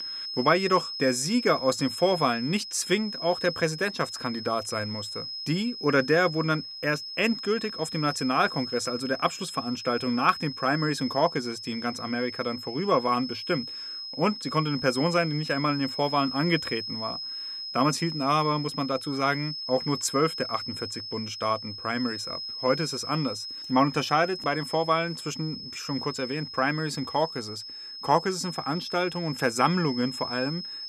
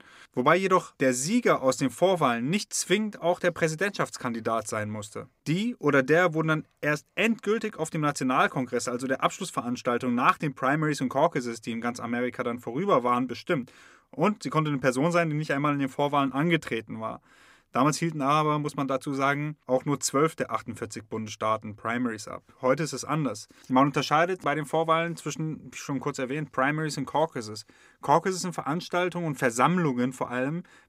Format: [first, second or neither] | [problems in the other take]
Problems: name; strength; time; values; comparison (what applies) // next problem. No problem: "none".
second | high-pitched whine; loud; throughout; 5 kHz, 7 dB below the speech